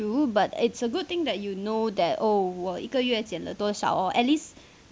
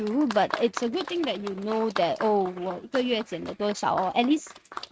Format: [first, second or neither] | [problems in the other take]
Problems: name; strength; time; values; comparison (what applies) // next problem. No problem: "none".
first | noise reduction (neural mask model RNNoise)